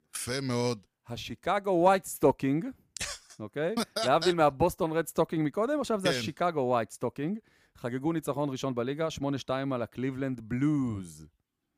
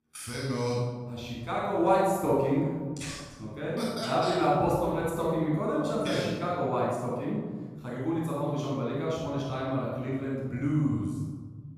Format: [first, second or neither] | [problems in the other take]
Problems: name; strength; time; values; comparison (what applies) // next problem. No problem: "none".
first | room echo; strong; dies away in 1.7 s // off-mic speech; far